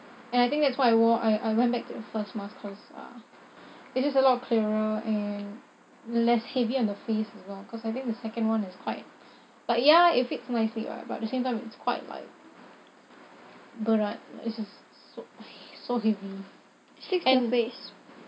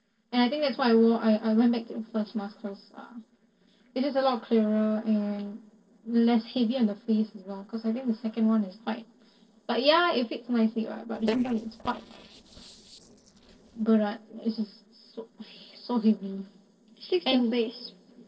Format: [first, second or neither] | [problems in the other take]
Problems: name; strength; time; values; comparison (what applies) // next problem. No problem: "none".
first | noise reduction (neural separator model SepFormer DNS4)